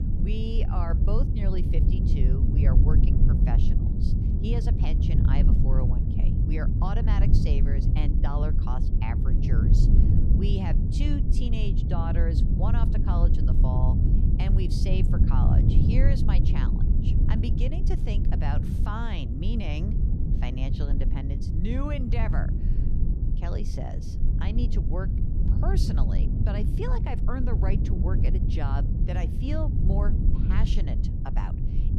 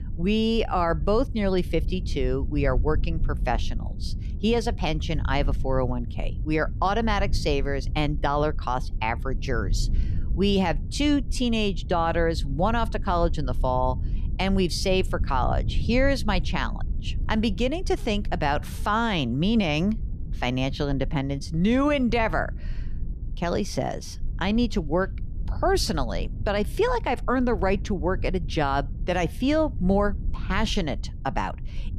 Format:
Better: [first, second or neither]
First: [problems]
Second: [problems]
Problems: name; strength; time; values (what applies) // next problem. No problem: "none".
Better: second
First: low rumble; loud; throughout; 1 dB below the speech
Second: low rumble; faint; throughout; 20 dB below the speech